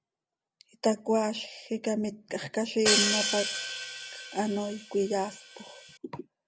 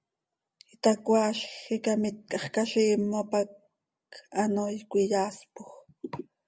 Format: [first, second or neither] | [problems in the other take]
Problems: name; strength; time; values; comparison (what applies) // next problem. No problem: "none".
second | background sound (Hi-hat); as loud as the speech